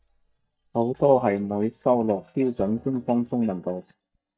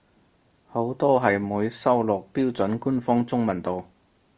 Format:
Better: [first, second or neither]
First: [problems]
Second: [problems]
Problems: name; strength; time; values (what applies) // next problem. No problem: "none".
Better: second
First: noise reduction (neural mask model DeepFilterNet 3)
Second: none